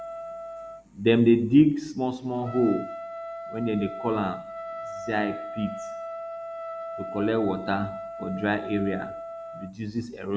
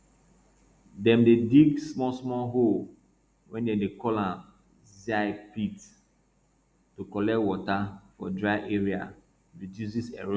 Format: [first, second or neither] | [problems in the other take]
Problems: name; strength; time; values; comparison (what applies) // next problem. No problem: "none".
second | background sound (Trumpet); 10 dB below the speech